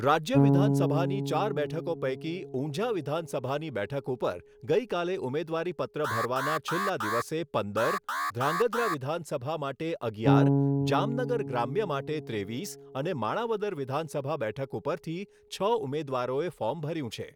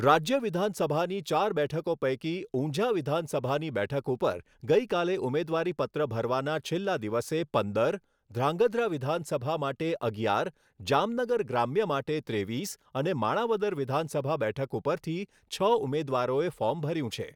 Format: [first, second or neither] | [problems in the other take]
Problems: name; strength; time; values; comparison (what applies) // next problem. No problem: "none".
second | background sound (Alarm + Bass guitar); 1 dB below the speech